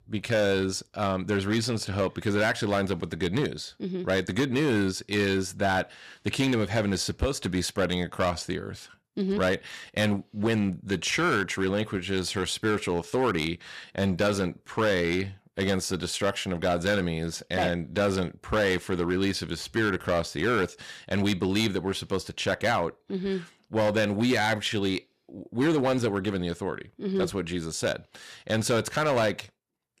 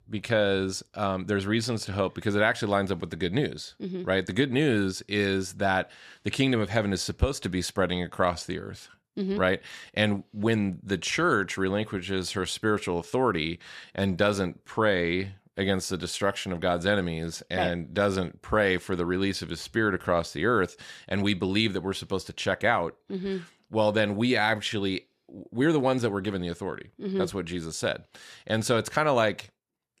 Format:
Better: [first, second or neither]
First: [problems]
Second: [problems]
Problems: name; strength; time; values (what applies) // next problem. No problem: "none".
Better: second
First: distortion; slight; 6% of the sound clipped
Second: none